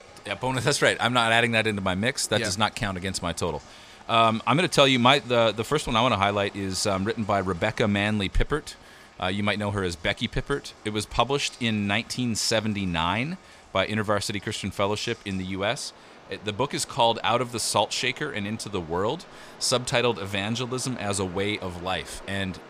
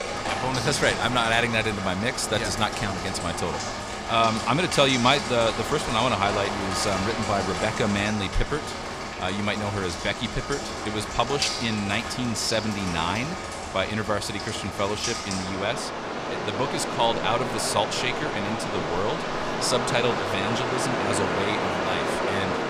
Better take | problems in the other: first | rain or running water; loud; throughout; 3 dB below the speech; faint in the first

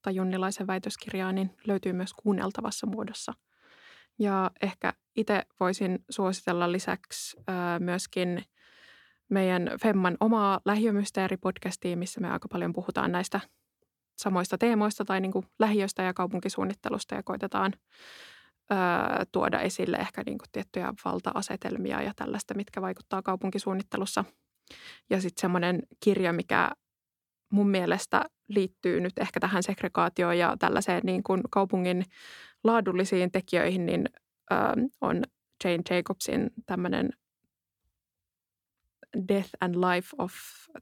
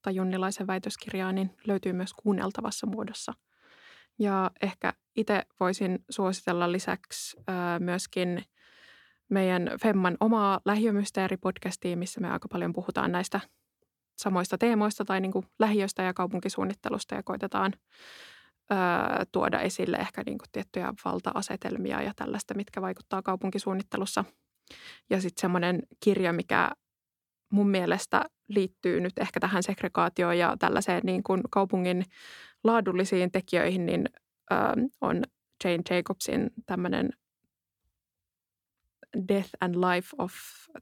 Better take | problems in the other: neither | none

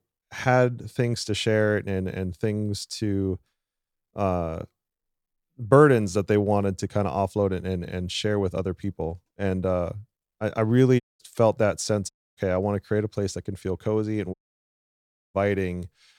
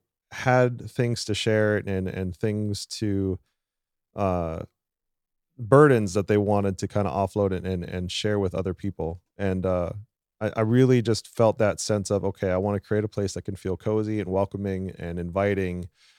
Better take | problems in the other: second | audio cutting out; at 11 s, at 12 s and at 14 s for 1 s

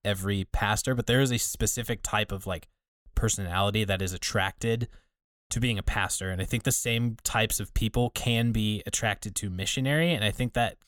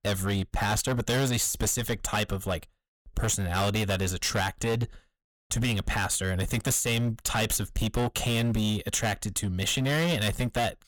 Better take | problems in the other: first | distortion; heavy; 18% of the sound clipped

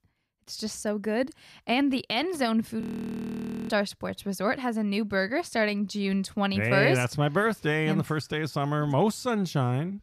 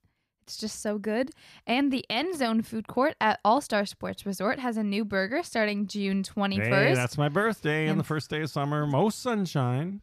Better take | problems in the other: second | audio freezing; at 3 s for 1 s

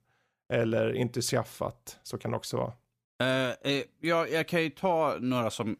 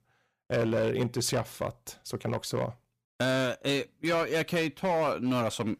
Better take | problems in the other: first | distortion; slight; 8% of the sound clipped

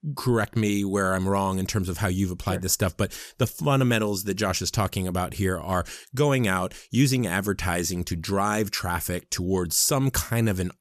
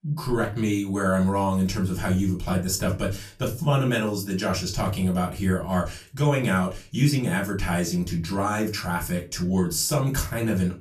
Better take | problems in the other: first | off-mic speech; far // room echo; very slight; dies away in 0.3 s

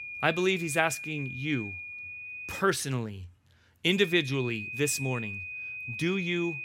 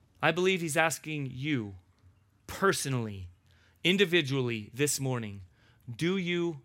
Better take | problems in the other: second | high-pitched whine; loud; until 2.5 s and from 4 s on; 2.5 kHz, 8 dB below the speech

